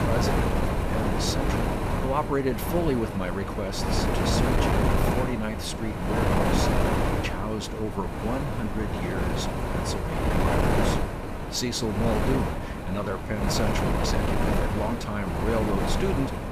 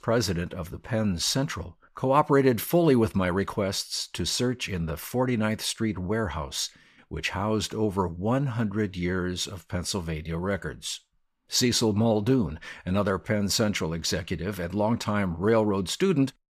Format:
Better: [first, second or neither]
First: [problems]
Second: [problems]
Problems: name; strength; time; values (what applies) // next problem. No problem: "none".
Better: second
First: wind noise on the microphone; heavy; 3 dB above the speech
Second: none